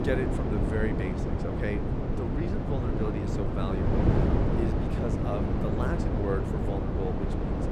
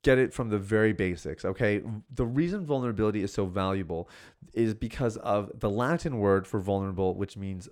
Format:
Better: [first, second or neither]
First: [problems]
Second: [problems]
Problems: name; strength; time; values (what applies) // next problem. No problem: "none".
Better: second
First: wind noise on the microphone; heavy; 2 dB above the speech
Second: none